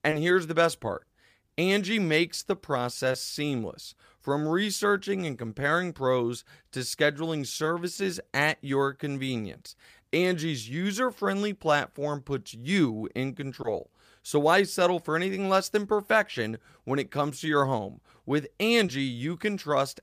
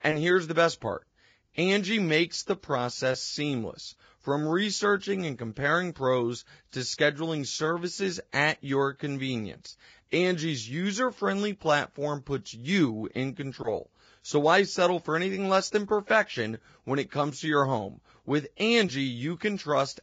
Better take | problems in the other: first | garbled, watery; badly; nothing above 7.5 kHz

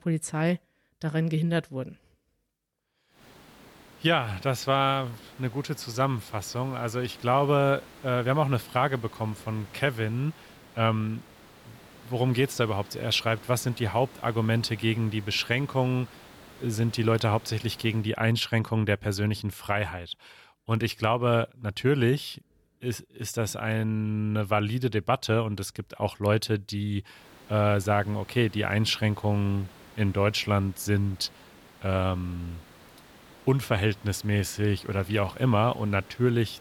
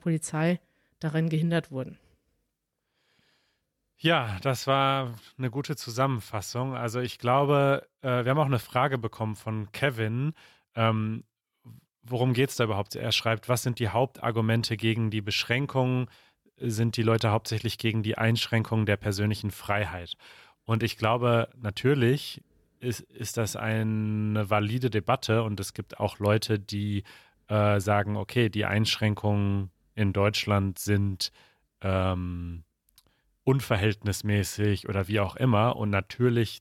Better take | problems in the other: second | hiss; faint; from 3 to 18 s and from 27 s on; 20 dB below the speech

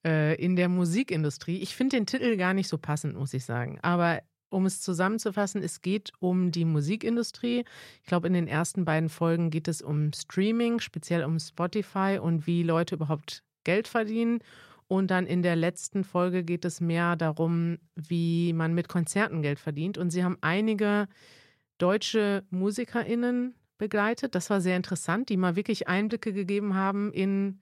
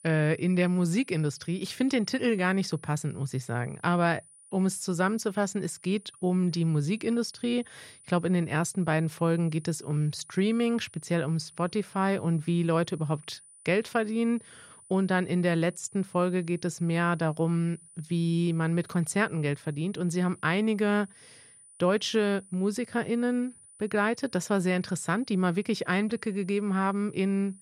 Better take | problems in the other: first | high-pitched whine; faint; throughout; 9.5 kHz, 25 dB below the speech

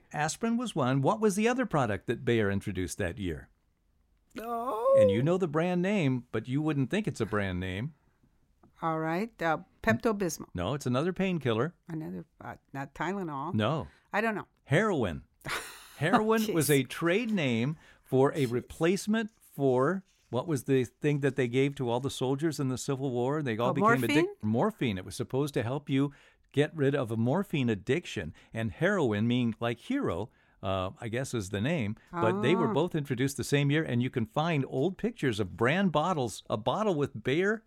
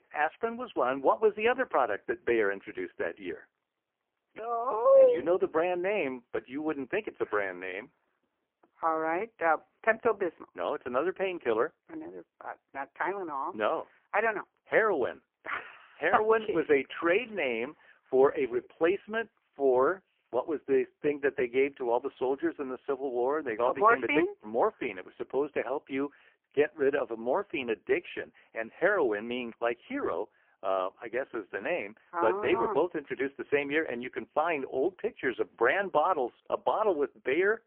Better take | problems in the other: first | phone-call audio; poor line

